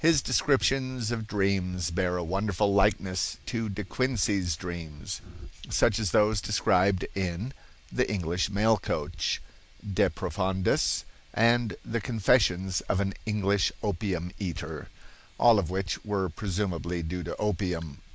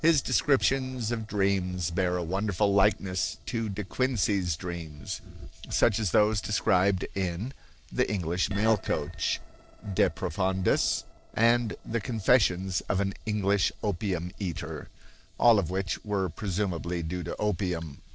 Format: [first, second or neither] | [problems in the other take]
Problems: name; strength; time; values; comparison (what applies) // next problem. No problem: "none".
first | noise reduction (neural separator model SepFormer DNS4)